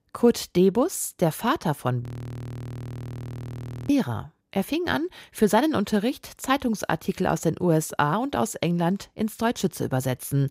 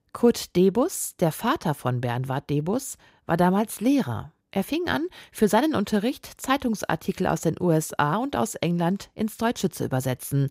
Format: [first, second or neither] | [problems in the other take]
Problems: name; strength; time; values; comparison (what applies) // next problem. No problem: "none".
second | audio freezing; at 2 s for 2 s